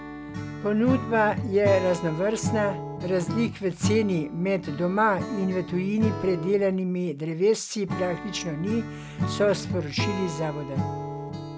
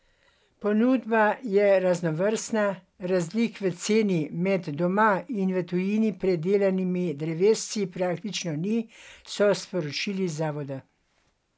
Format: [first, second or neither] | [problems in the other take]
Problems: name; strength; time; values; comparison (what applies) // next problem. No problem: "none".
second | background sound (Acoustic guitar / Strum); 6 dB below the speech